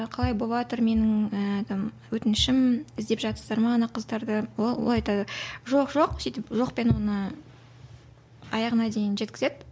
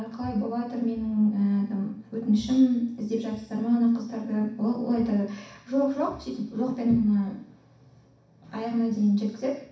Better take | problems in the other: first | room echo; dies away in 0.6 s

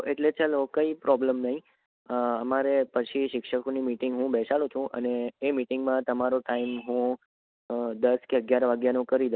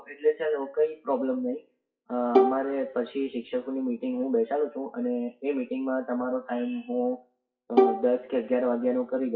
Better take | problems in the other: first | noise reduction (classical method WPE with log-MMSE)

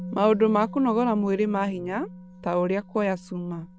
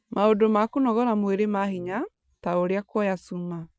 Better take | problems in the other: second | background sound (Musical instrument); 15 dB below the speech

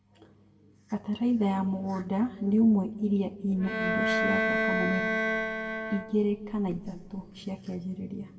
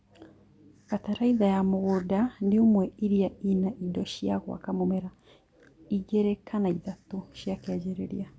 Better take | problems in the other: second | background sound (Bowed string instrument); 1 dB below the speech // room echo; dies away in 1.3 s

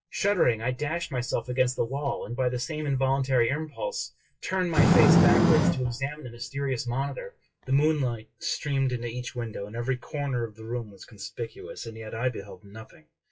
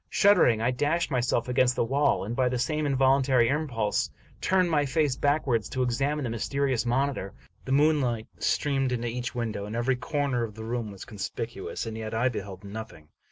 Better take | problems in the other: second | noise reduction (classical method WPE with log-MMSE)

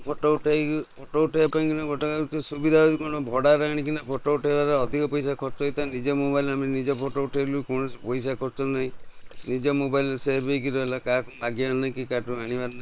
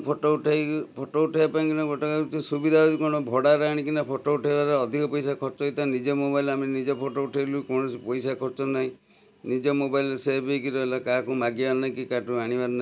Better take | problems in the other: second | noise reduction (neural separator model SepFormer WHAM!)

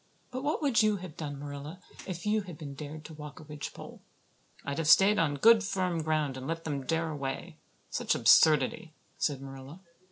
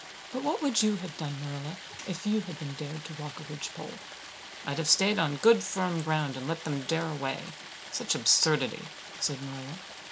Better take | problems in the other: first | background sound (Stream); 13 dB below the speech

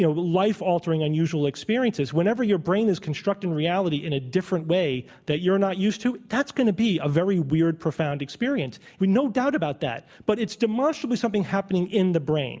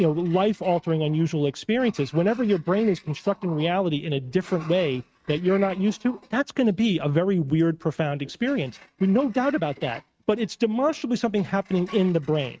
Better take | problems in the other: first | noise reduction (neural mask model RNNoise)

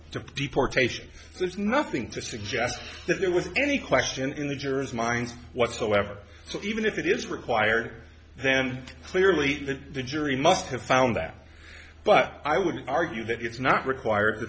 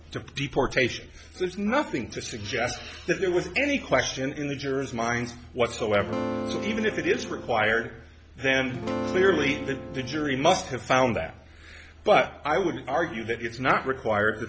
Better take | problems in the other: first | background sound (Acoustic guitar / Strum); 7 dB below the speech

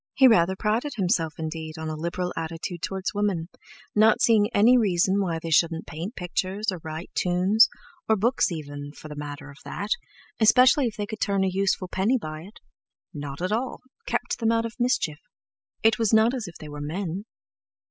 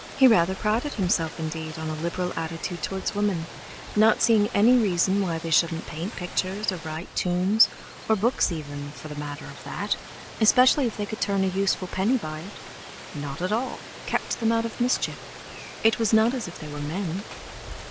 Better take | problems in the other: first | background sound (Rain); 14 dB below the speech

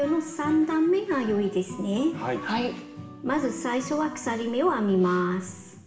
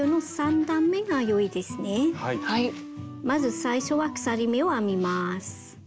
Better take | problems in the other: second | room echo; dies away in 1.1 s

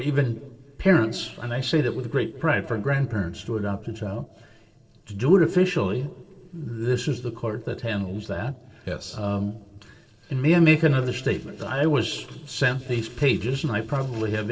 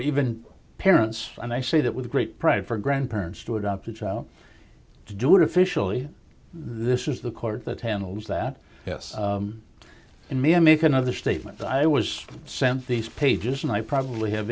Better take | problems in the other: second | noise reduction (neural separator model SepFormer DNS4)

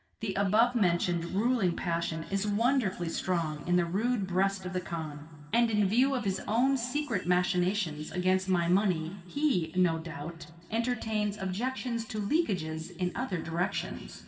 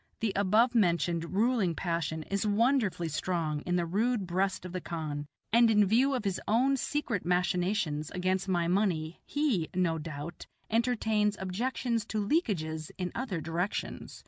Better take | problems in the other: second | room echo; dies away in 2.8 s

